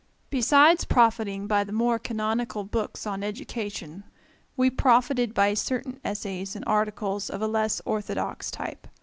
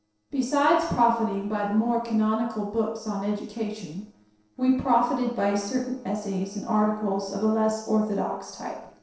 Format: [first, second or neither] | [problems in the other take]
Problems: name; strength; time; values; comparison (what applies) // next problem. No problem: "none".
first | noise reduction (neural separator model SepFormer DNS4)